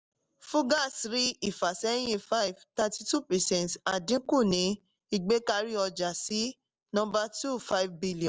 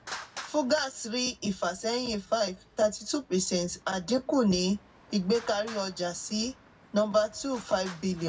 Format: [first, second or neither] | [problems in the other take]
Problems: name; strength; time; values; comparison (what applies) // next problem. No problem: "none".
first | background sound (Traffic noise, roadway noise); 19 dB below the speech // room echo; dies away in 0.4 s